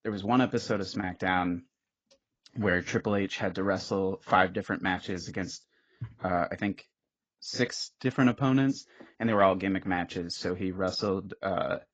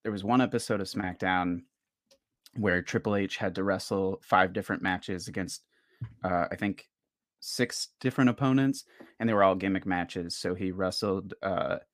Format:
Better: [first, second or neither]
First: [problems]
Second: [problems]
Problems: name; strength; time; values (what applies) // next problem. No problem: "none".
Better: second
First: garbled, watery; badly; nothing above 7.5 kHz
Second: none